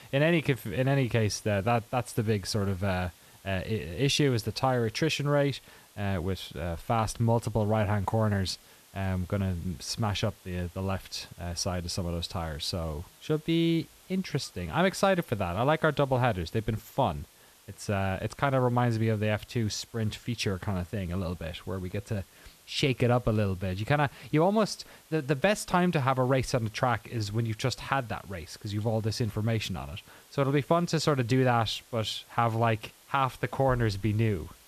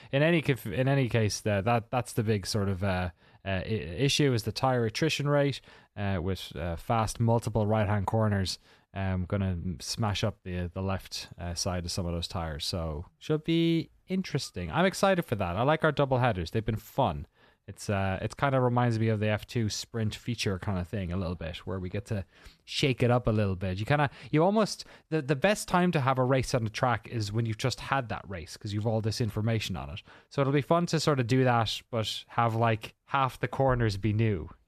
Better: second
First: hiss; faint; throughout; 25 dB below the speech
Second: none

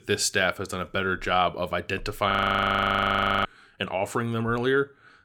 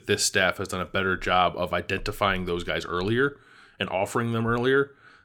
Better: second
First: audio freezing; at 2.5 s for 1 s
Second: none

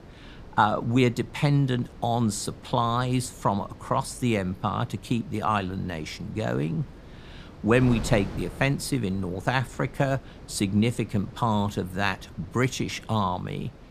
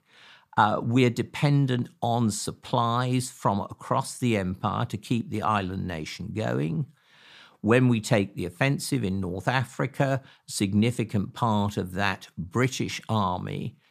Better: second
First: wind noise on the microphone; occasional gusts; 20 dB below the speech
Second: none

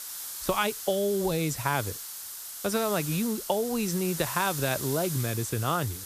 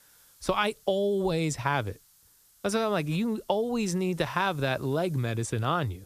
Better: second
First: hiss; loud; throughout; 6 dB below the speech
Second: hiss; faint; throughout; 25 dB below the speech

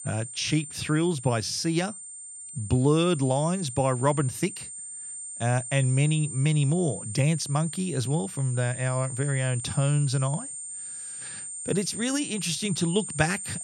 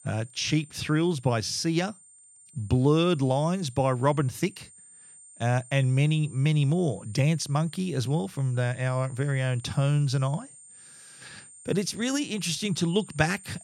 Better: second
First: high-pitched whine; loud; throughout; 8.5 kHz, 9 dB below the speech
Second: high-pitched whine; faint; throughout; 8.5 kHz, 20 dB below the speech

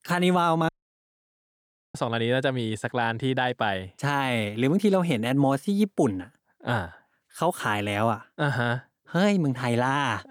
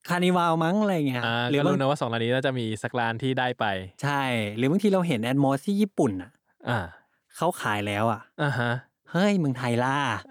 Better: second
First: audio cutting out; at 0.5 s for 1.5 s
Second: none

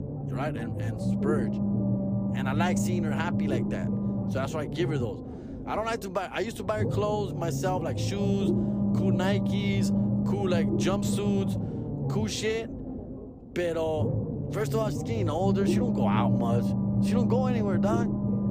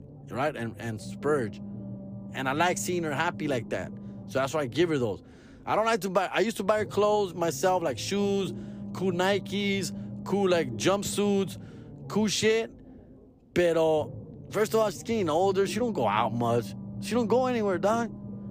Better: second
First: low rumble; loud; throughout; 3 dB below the speech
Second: low rumble; faint; throughout; 20 dB below the speech

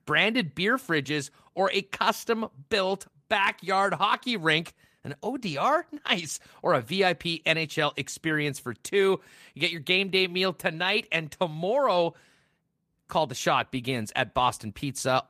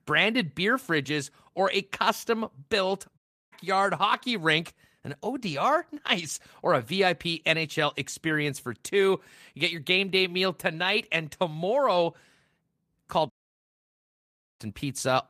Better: first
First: none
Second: audio cutting out; at 3 s and at 13 s for 1.5 s

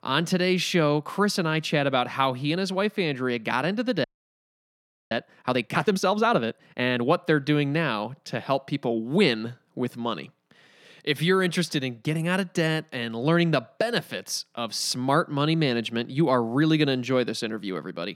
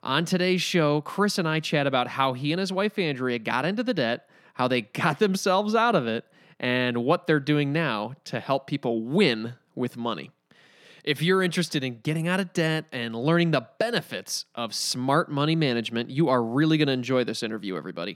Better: second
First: audio freezing; at 4 s for 1 s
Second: none

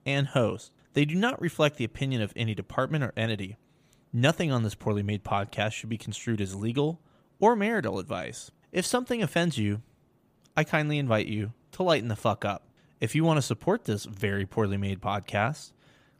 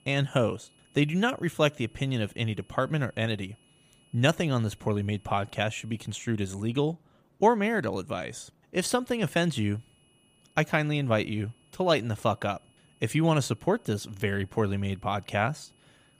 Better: first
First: none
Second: high-pitched whine; faint; until 6 s and from 9 s on; 3 kHz, 35 dB below the speech

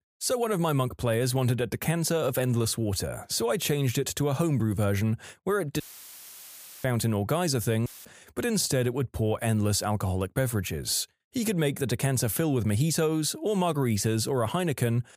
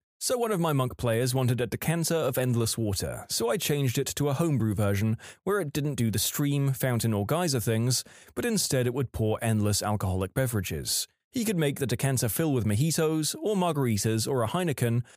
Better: second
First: audio cutting out; filled with static; at 6 s for 1 s and at 8 s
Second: none

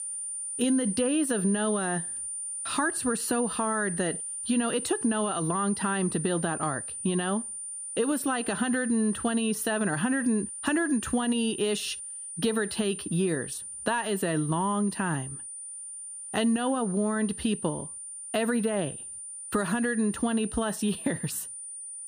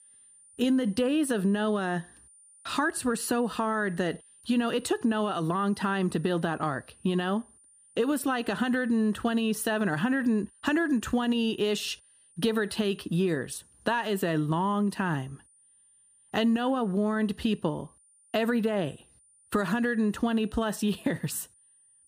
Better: second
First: high-pitched whine; loud; throughout; 9 kHz, 6 dB below the speech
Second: high-pitched whine; faint; throughout; 9 kHz, 30 dB below the speech

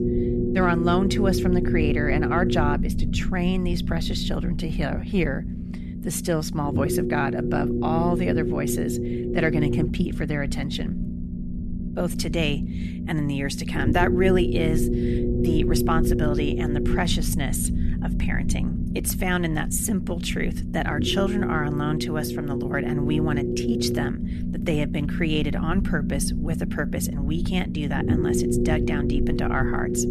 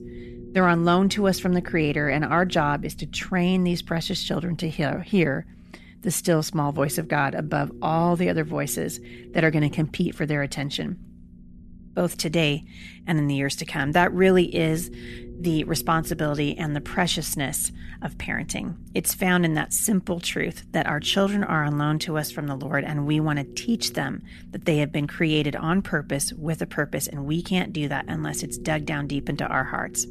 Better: second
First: low rumble; loud; throughout; 4 dB below the speech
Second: low rumble; faint; throughout; 25 dB below the speech

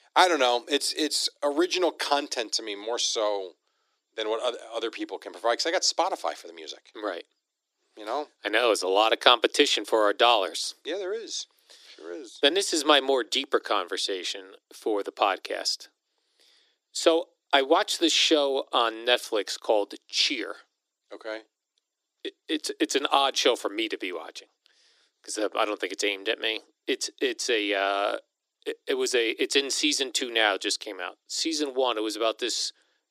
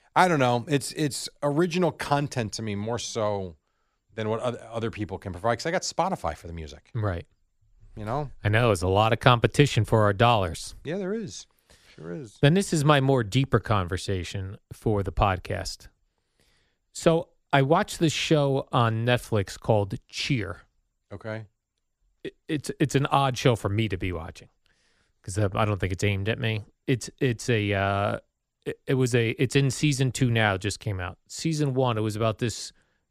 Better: second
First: thin; very; fading below 300 Hz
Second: none

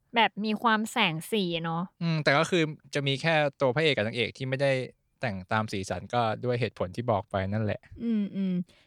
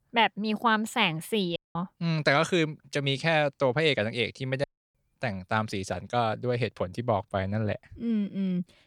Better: first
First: none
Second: audio cutting out; at 1.5 s and at 4.5 s

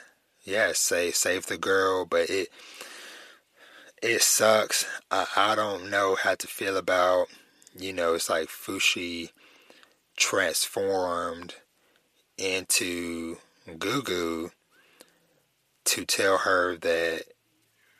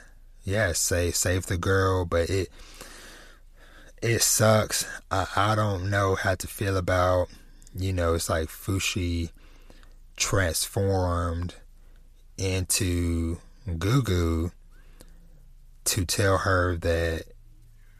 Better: second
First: thin; somewhat; fading below 400 Hz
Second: none

